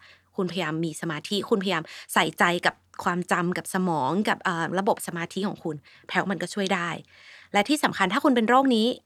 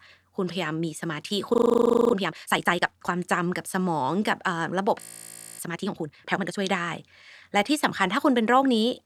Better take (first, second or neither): first